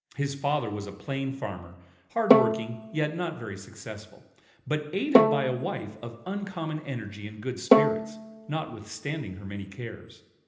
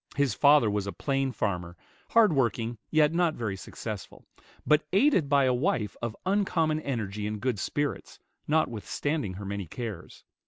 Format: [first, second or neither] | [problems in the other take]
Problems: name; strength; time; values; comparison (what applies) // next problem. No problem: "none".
second | background sound (Bowed string instrument); 5 dB above the speech // room echo; dies away in 0.8 s